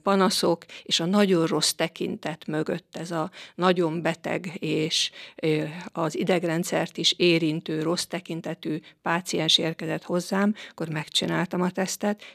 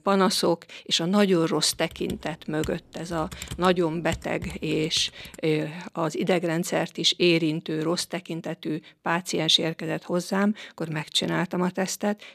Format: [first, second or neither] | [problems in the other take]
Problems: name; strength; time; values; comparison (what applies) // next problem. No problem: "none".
first | keyboard typing; faint; from 1.5 to 5.5 s; peak 10 dB below the speech